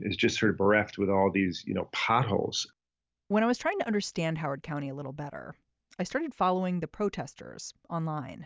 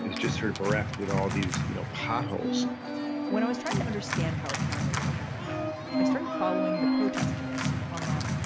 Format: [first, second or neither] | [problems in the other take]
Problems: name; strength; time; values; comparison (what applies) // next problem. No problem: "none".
first | background sound (Organ); 5 dB above the speech